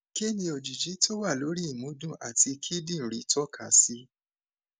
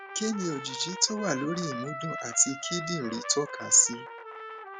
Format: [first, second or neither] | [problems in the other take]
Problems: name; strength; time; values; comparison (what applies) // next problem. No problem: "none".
first | background sound (Trumpet); 9 dB below the speech